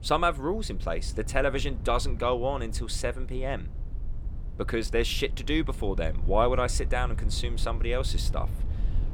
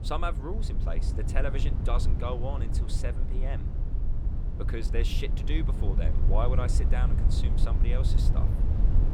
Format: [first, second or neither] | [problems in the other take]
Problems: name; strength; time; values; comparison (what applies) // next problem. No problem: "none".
first | low rumble; loud; throughout; 6 dB below the speech; faint in the first